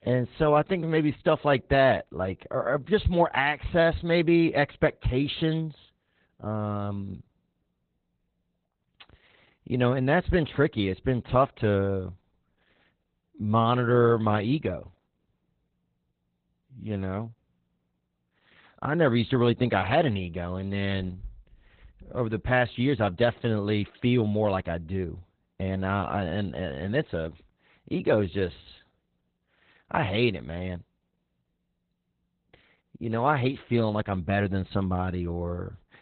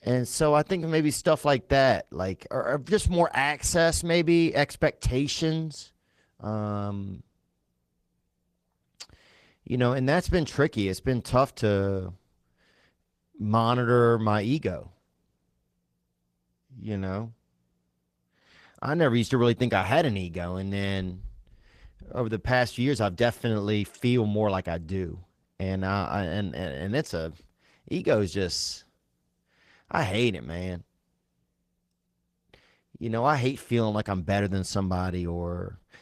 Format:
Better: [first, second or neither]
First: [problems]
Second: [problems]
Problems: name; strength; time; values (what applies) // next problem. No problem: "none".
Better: second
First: garbled, watery; badly; nothing above 4 kHz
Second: garbled, watery; slightly